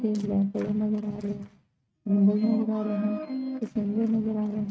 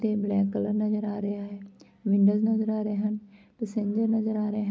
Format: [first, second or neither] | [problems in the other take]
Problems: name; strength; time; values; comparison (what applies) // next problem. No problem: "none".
second | noise reduction (neural mask model RNNoise)